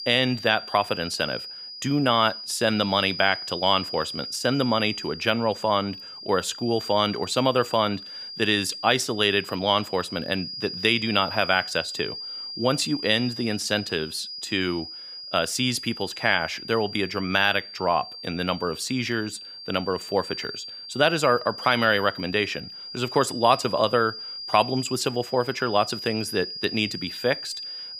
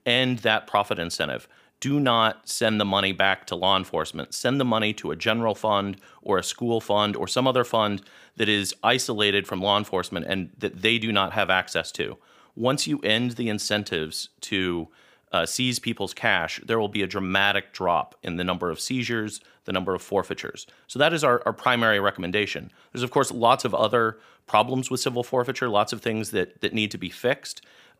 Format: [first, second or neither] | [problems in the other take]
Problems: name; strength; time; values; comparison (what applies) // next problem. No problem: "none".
second | high-pitched whine; loud; throughout; 5 kHz, 10 dB below the speech